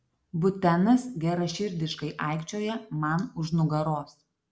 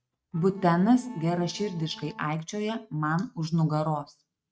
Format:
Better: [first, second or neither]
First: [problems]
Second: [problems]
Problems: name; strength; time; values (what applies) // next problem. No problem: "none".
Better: first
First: none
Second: noise reduction (neural mask model RNNoise)